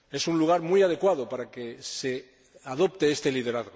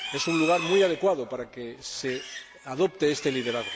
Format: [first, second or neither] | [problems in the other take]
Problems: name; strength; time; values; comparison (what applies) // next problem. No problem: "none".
first | background sound (Livestock, farm animals, working animals); 10 dB below the speech